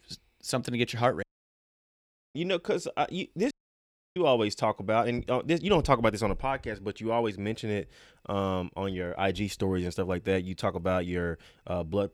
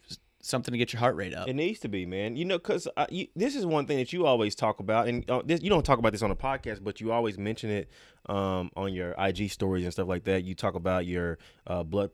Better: second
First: audio cutting out; at 1 s for 1 s and at 3.5 s for 0.5 s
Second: none

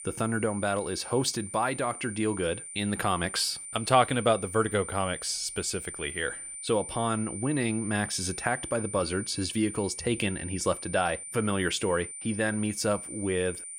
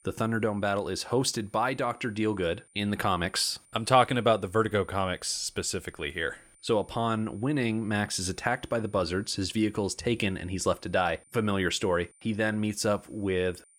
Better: second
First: high-pitched whine; loud; throughout; 9 kHz, 9 dB below the speech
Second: high-pitched whine; faint; throughout; 9 kHz, 30 dB below the speech

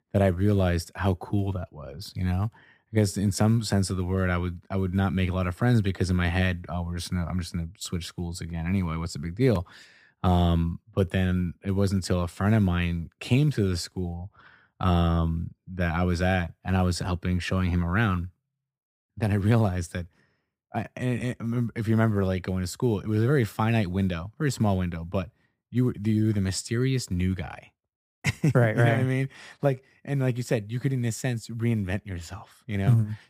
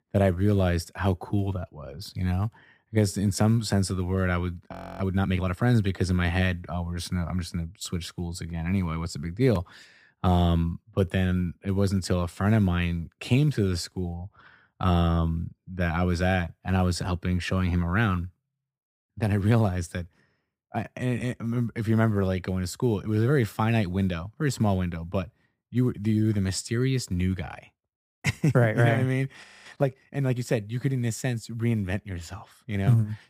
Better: first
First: none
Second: audio freezing; at 4.5 s and at 29 s

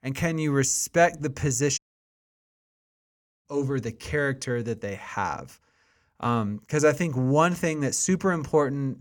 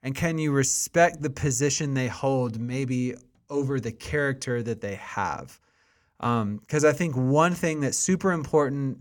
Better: second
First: audio cutting out; at 2 s for 1.5 s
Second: none

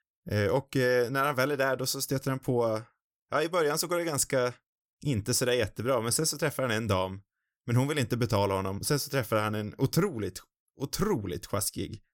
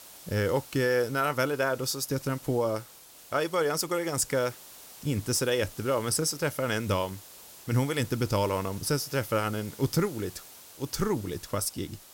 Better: first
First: none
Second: hiss; noticeable; throughout; 15 dB below the speech

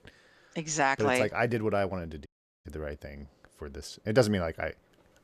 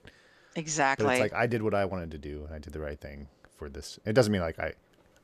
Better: second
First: audio cutting out; at 2.5 s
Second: none

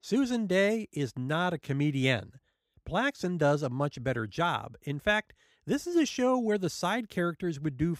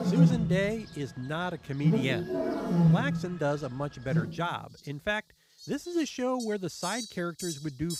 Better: first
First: none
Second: animal sounds; very loud; throughout; 4 dB above the speech

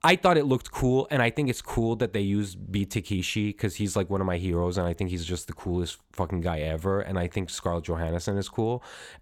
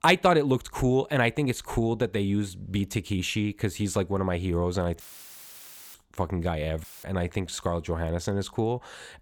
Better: first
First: none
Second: audio cutting out; filled with static; at 5 s for 1 s and at 7 s

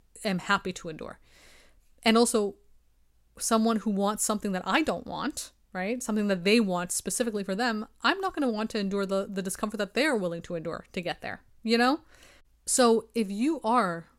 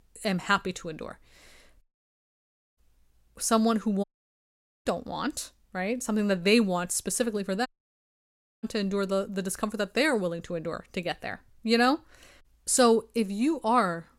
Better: first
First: none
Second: audio cutting out; at 2 s for 1 s, at 4 s for 1 s and at 7.5 s for 1 s

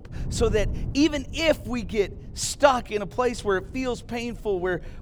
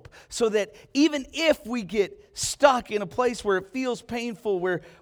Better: second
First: wind noise on the microphone; occasional gusts; 25 dB below the speech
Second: none

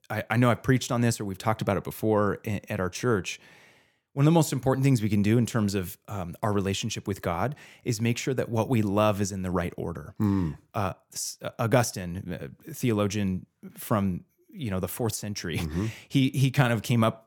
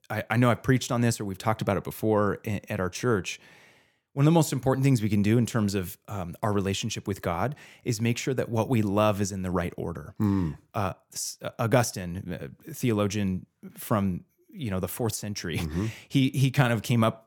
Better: neither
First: none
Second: none

